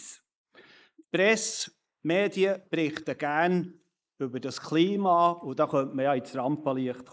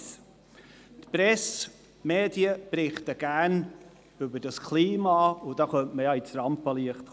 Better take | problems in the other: second | noise reduction (neural mask model Resemble Enhance denoiser)

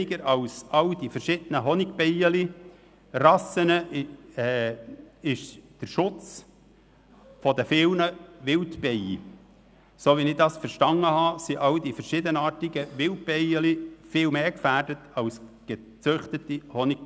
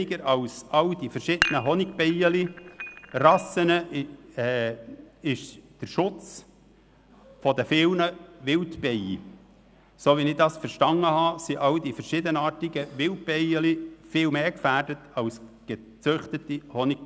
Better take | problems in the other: first | background sound (Dishes, pots, and pans); 8 dB below the speech

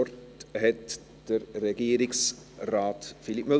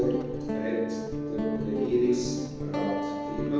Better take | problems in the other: first | background sound (Guitar); as loud as the speech // room echo; dies away in 1.3 s

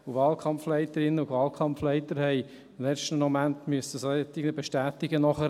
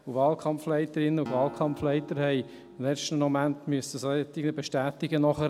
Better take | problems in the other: first | background sound (Acoustic guitar); 19 dB below the speech

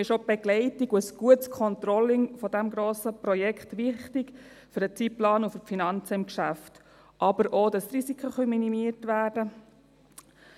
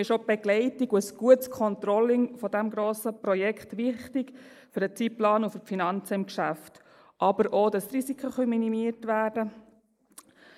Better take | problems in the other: first | noise reduction (neural mask model Resemble Enhance denoiser)

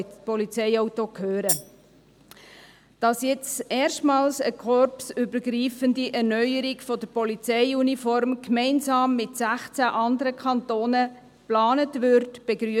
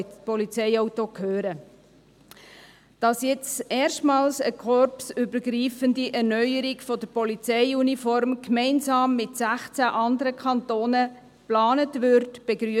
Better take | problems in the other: second | background sound (Tambourine); 7 dB below the speech

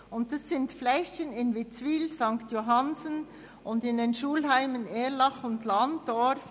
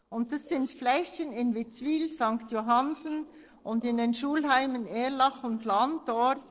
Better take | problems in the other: first | noise reduction (neural separator model SepFormer DNS4)

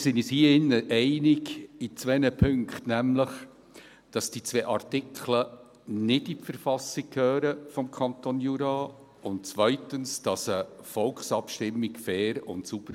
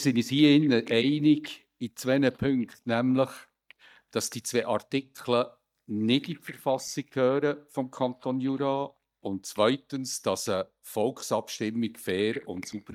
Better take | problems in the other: first | noise reduction (neural mask model DeepFilterNet 3)

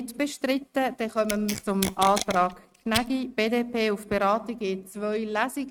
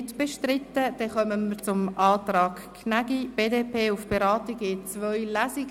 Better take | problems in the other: second | noise reduction (neural mask model RNNoise)

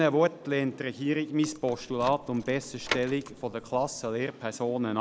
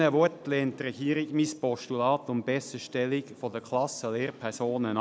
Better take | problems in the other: second | background sound (Door / Car); 12 dB below the speech

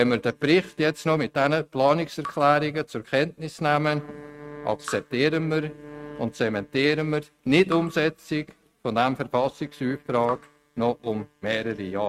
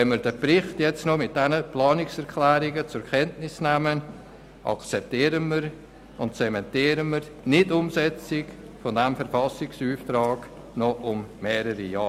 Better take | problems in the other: second | noise reduction (neural mask model RNNoise)

